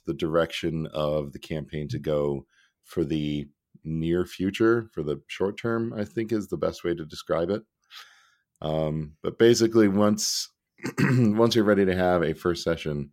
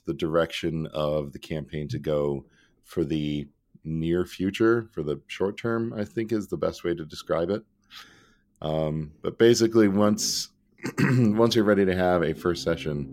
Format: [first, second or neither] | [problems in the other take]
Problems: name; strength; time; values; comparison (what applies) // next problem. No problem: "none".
first | low rumble; faint; throughout; 25 dB below the speech